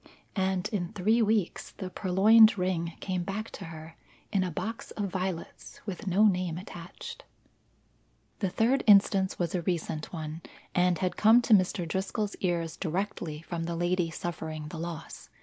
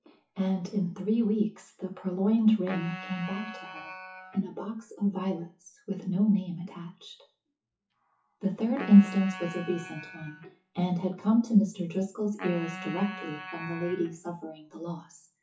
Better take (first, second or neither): first